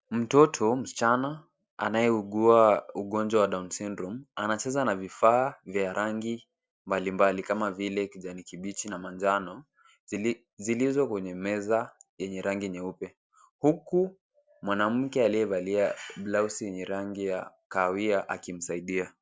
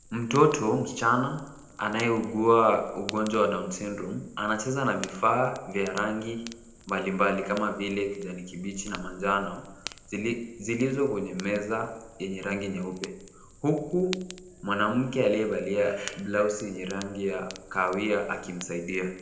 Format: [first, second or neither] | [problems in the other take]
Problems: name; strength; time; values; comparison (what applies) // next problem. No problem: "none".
first | background sound (Fire); 19 dB below the speech // room echo; dies away in 0.8 s